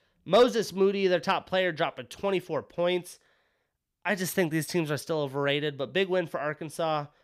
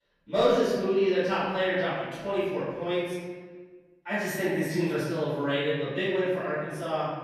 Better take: first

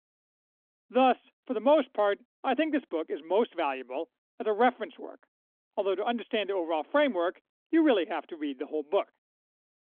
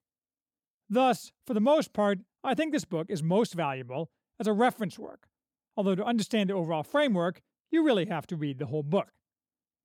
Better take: second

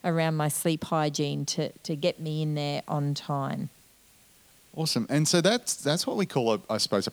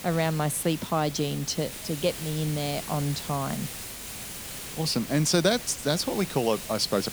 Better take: first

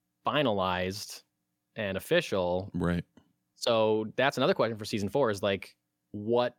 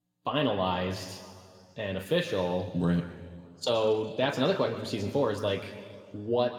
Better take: first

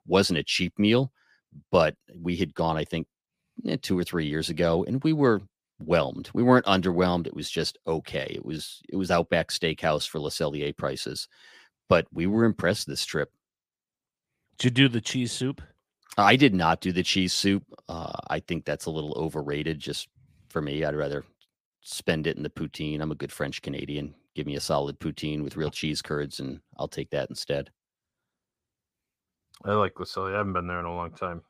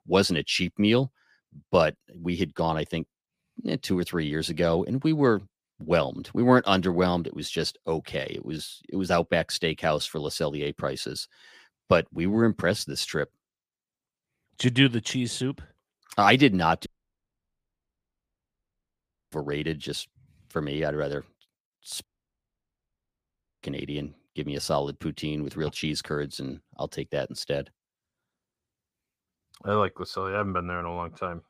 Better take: first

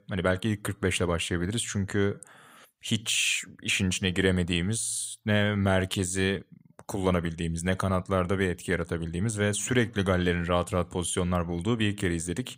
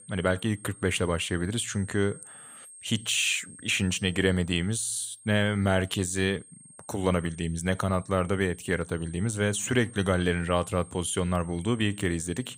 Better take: first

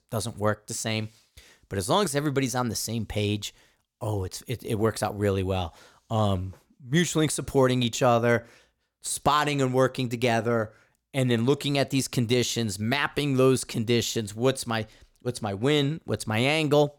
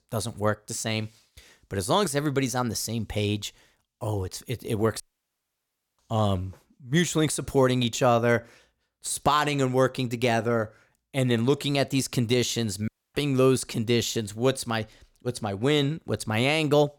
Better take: first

